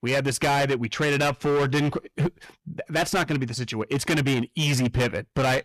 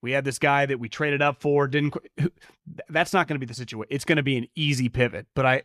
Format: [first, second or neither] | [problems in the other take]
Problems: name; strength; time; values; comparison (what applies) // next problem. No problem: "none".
second | distortion; heavy; 20% of the sound clipped